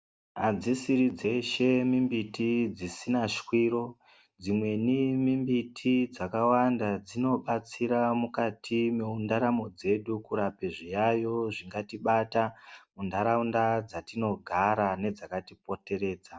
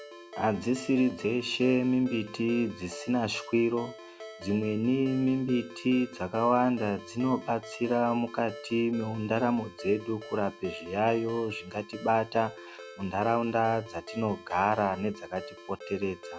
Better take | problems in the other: first | background sound (Ringtone); 16 dB below the speech

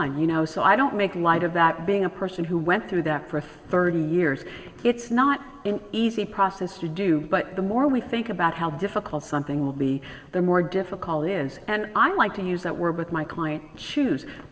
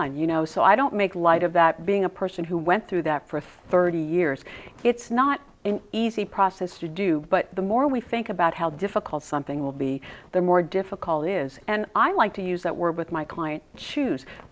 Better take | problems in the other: second | room echo; dies away in 1.5 s

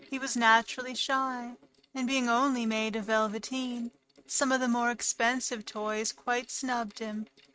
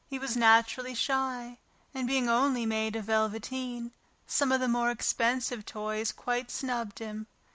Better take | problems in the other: second | noise reduction (neural mask model RNNoise)

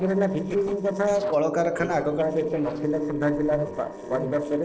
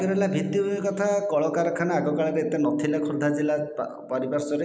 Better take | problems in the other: second | noise reduction (neural separator model SepFormer DNS4)

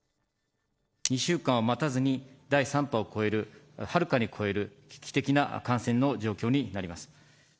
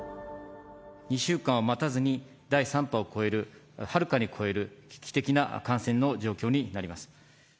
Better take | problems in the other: second | noise reduction (neural separator model SepFormer DNS4)

